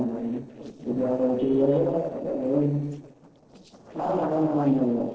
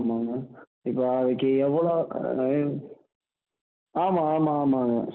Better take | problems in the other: second | noise reduction (neural separator model SepFormer DNS4)

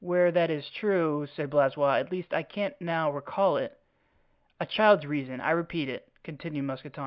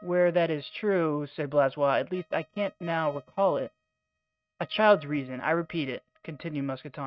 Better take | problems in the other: first | noise reduction (neural mask model RNNoise)

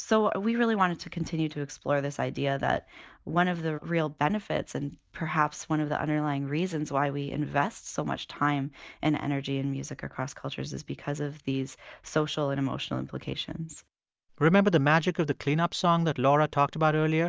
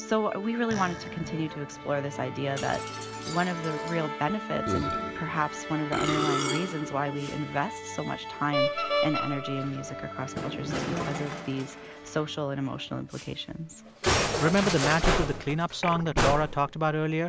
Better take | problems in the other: first | background sound (Musical instrument); 2 dB below the speech

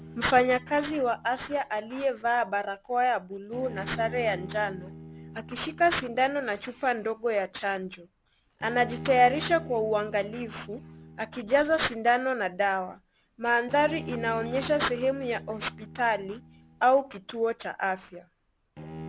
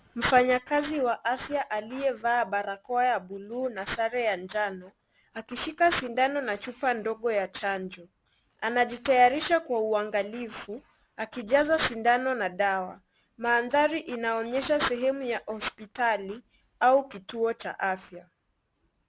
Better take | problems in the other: second | background sound (Bowed string instrument); 16 dB below the speech

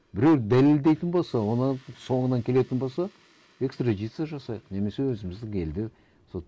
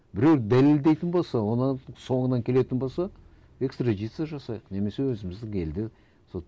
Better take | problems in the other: second | noise reduction (neural mask model Resemble Enhance denoiser)

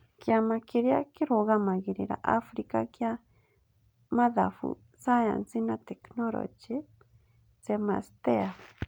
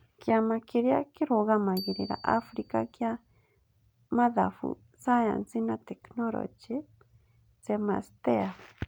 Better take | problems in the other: first | background sound (Bicycle bell); 20 dB below the speech

